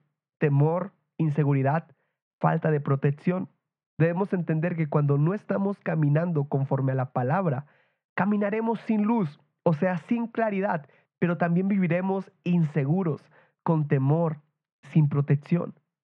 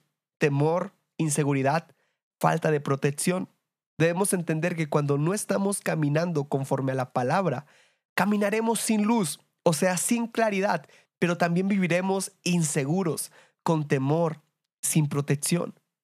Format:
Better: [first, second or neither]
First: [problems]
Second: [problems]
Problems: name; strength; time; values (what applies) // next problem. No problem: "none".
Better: second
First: muffled; very; fading above 2 kHz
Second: none